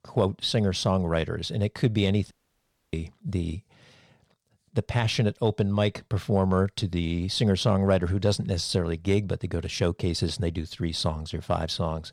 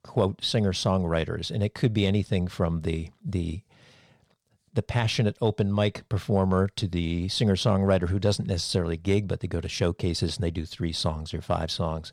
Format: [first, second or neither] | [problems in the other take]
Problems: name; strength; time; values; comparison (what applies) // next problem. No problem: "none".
second | audio cutting out; at 2.5 s for 0.5 s